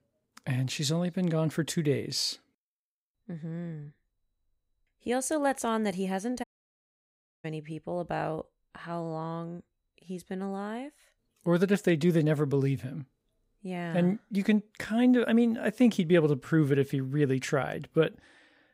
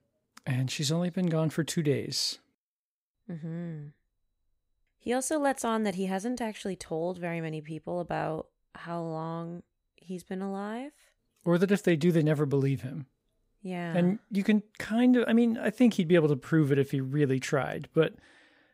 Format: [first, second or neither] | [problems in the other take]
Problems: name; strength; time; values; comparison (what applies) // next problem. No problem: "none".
second | audio cutting out; at 6.5 s for 1 s